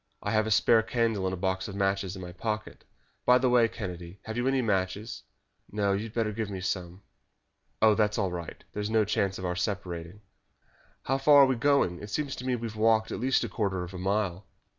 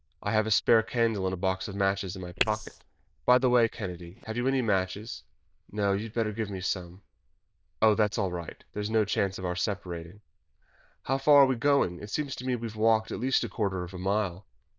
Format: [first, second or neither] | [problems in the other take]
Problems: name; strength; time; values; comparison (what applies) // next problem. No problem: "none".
first | noise reduction (neural diffusion model UNIVERSE++)